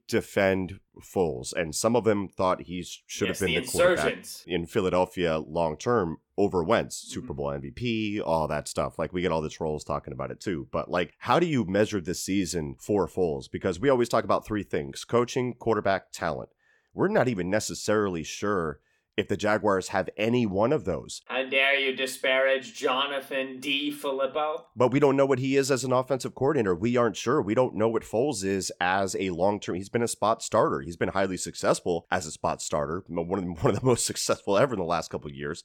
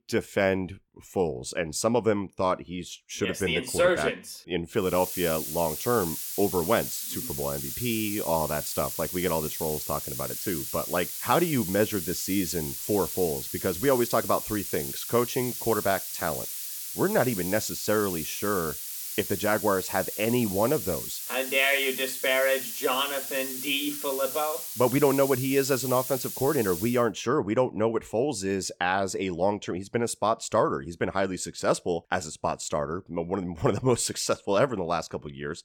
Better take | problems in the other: first | hiss; loud; from 5 to 27 s; 5 dB below the speech

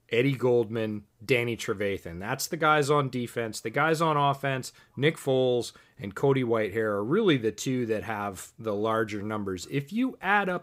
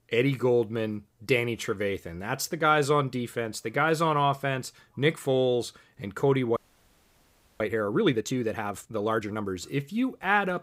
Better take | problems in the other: first | audio freezing; at 6.5 s for 1 s

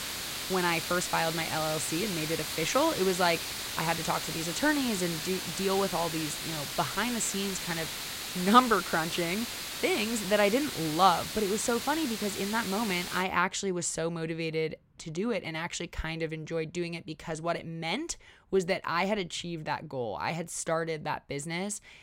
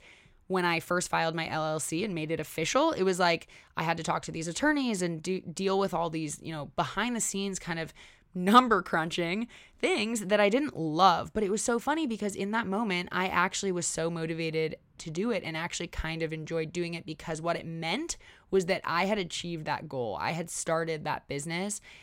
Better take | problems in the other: second | hiss; loud; until 13 s; 4 dB below the speech

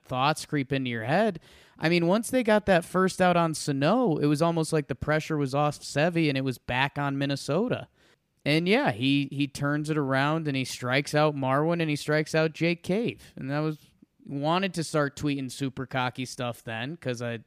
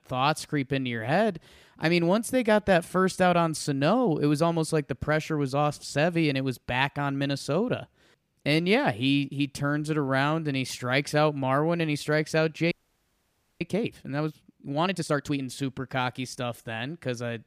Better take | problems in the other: first | audio freezing; at 13 s for 1 s

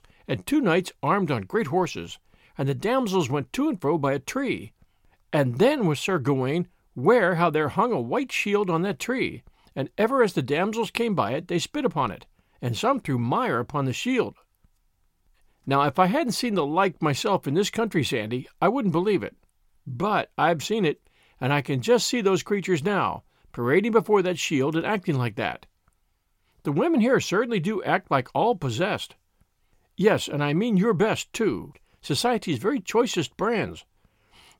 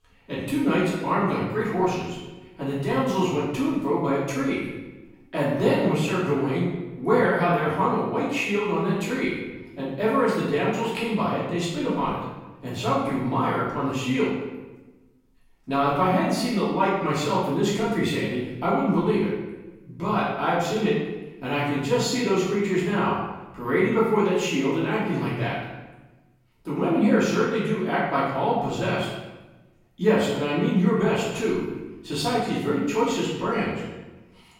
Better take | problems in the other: first | room echo; noticeable; dies away in 0.9 s // off-mic speech; far

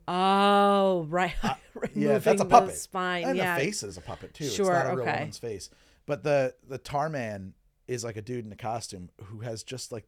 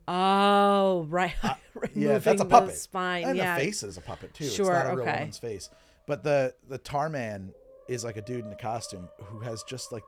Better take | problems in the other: first | animal sounds; faint; throughout; 25 dB below the speech

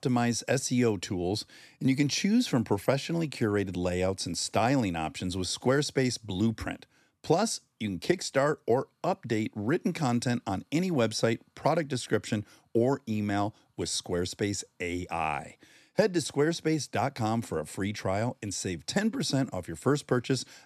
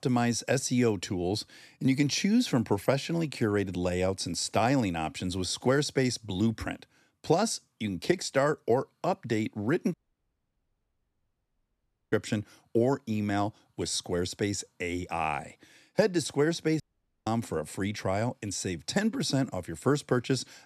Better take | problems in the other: first | audio cutting out; at 10 s for 2 s and at 17 s

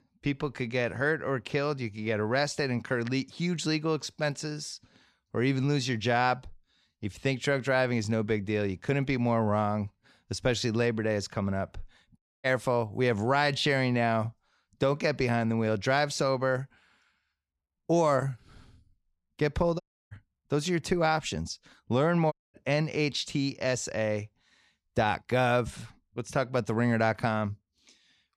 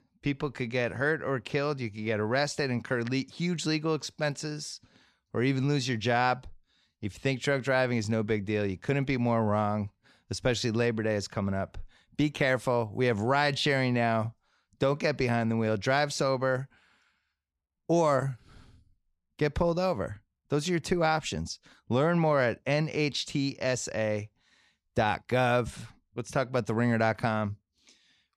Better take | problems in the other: second | audio cutting out; at 12 s, at 20 s and at 22 s

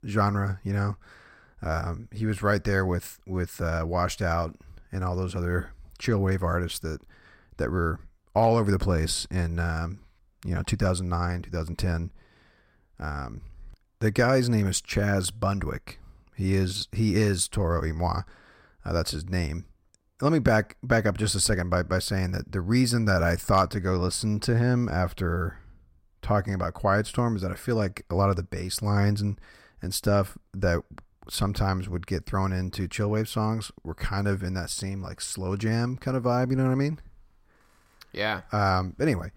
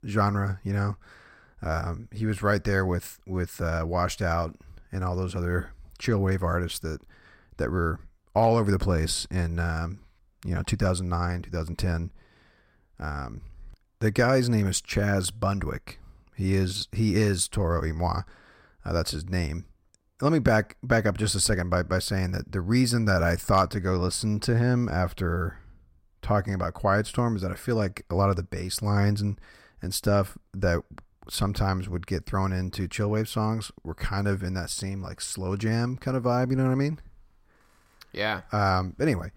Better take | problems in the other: neither | none

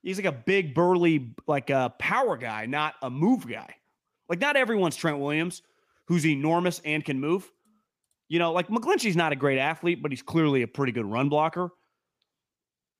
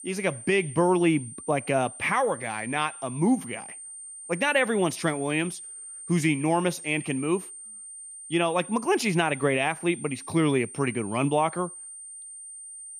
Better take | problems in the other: first | high-pitched whine; noticeable; throughout; 9 kHz, 15 dB below the speech

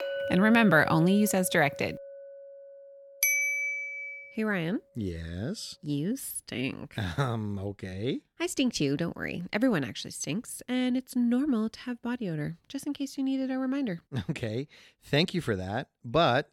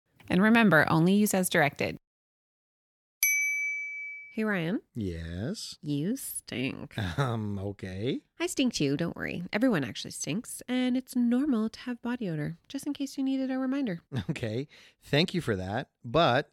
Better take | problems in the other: second | clattering dishes; noticeable; until 3 s; peak 4 dB below the speech

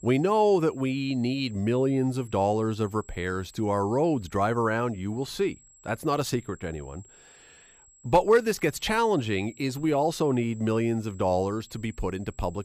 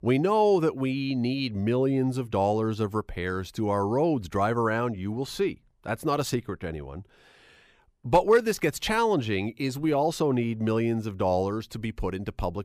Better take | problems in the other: second | high-pitched whine; faint; throughout; 7.5 kHz, 25 dB below the speech

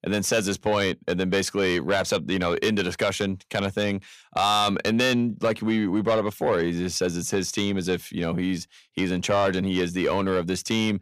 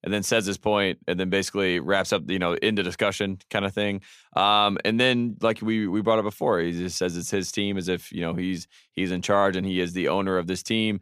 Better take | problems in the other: second | distortion; slight; 10 dB below the speech

